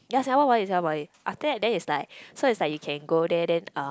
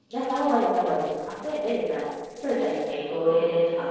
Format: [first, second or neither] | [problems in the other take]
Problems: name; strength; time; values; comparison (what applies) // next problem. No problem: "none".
first | noise reduction (neural separator model SepFormer DNS4)